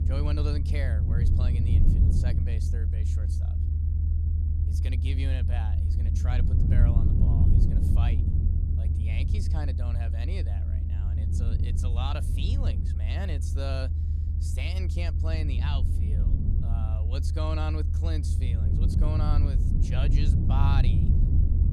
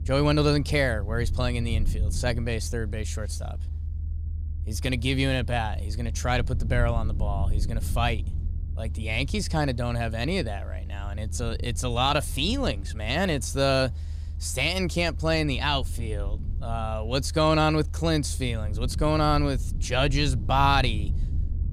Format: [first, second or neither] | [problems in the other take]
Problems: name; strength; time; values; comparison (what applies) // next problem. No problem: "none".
second | low rumble; loud; throughout; 1 dB below the speech; faint in the second